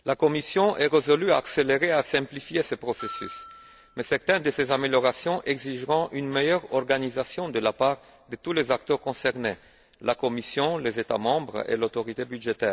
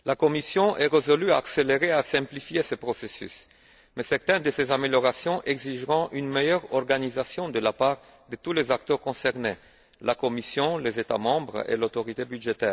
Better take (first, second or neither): second